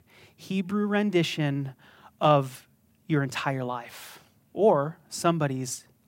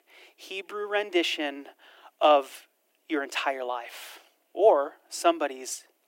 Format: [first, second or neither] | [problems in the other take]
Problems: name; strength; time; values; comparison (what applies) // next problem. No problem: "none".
first | thin; very; fading below 300 Hz